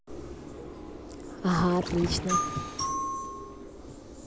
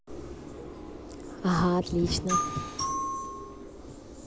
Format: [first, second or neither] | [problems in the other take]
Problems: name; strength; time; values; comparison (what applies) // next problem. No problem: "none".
second | background sound (Splash, splatter); 14 dB below the speech